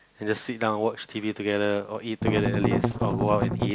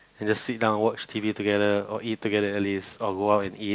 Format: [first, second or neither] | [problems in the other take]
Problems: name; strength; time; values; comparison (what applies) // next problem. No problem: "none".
second | background sound (Strum); 3 dB above the speech